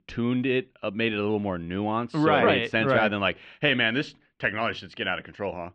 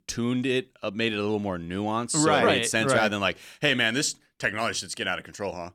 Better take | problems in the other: second | muffled; very; fading above 3 kHz

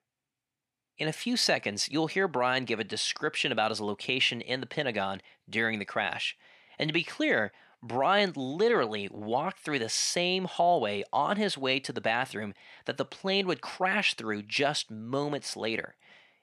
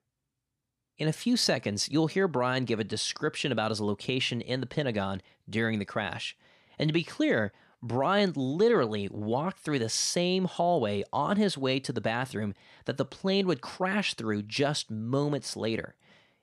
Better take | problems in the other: second | thin; very slightly; fading below 500 Hz

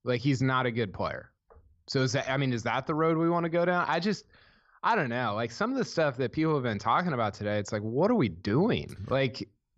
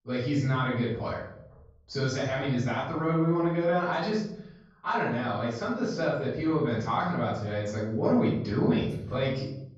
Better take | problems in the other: first | room echo; noticeable; dies away in 0.8 s // off-mic speech; far

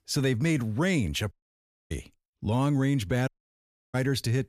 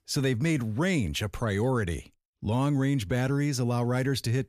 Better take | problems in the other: second | audio cutting out; at 1.5 s for 0.5 s and at 3.5 s for 0.5 s

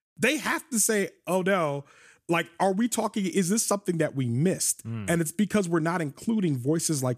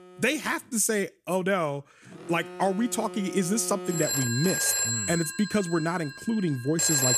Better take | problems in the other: first | alarms or sirens; loud; throughout; 2 dB below the speech

